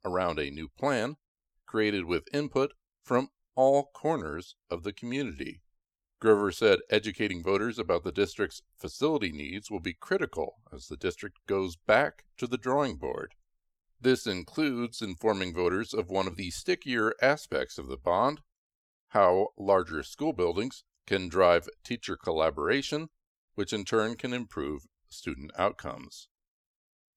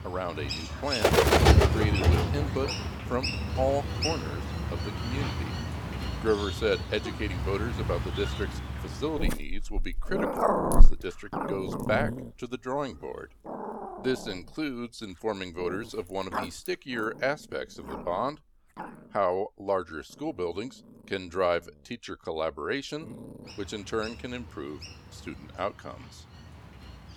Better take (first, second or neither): first